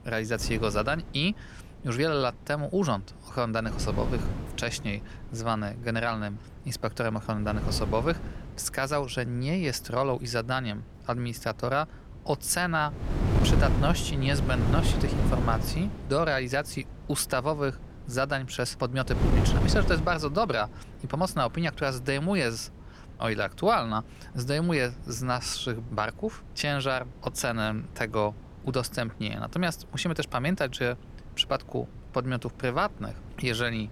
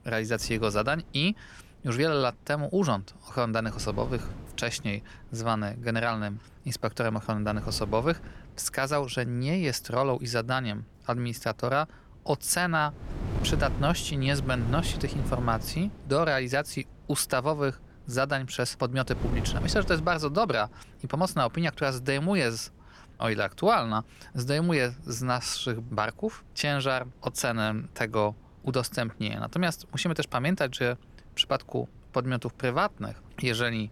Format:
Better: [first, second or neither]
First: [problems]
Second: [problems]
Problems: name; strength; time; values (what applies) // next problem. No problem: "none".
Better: second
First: wind noise on the microphone; heavy; 9 dB below the speech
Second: wind noise on the microphone; occasional gusts; 15 dB below the speech